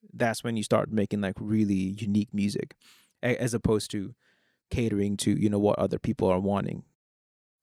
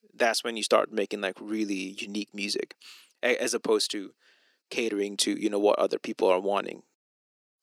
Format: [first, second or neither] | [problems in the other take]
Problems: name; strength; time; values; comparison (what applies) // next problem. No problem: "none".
first | thin; somewhat; fading below 300 Hz